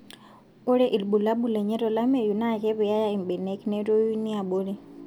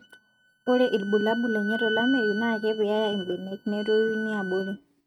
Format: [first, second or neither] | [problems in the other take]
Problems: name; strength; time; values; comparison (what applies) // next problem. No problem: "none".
first | noise reduction (neural mask model RNNoise)